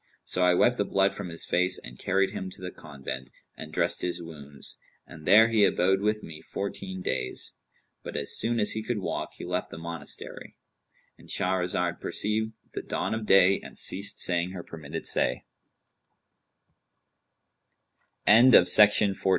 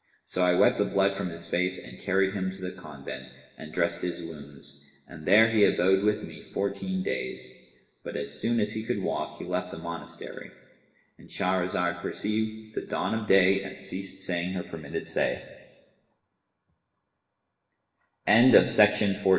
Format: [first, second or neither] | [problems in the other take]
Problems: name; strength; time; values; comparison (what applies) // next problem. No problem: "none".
first | room echo; dies away in 1.1 s